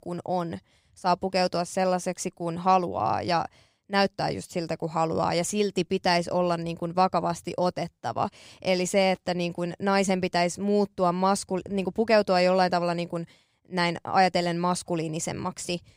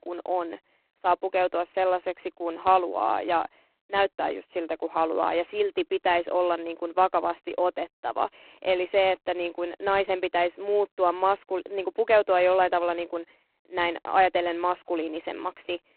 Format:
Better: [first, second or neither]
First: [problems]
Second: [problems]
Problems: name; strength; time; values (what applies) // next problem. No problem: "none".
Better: first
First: none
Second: phone-call audio; poor line; nothing above 4 kHz